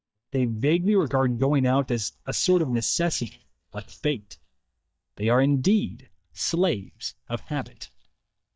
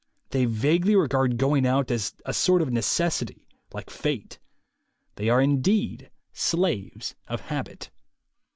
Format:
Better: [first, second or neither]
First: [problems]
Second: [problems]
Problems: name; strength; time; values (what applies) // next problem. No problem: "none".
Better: second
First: noise reduction (neural mask model DeepFilterNet 3)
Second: none